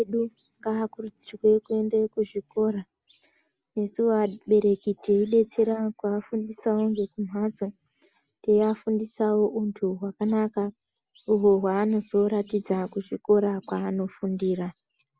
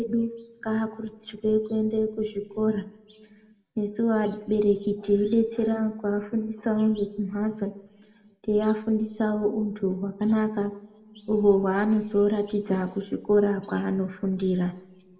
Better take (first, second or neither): first